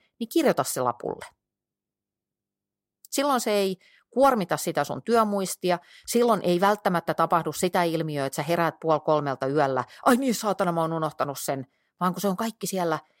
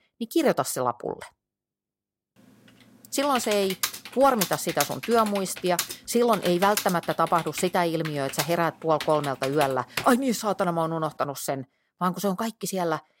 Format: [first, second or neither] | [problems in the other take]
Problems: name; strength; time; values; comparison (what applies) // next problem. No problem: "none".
first | keyboard typing; noticeable; from 3 to 10 s; peak 3 dB below the speech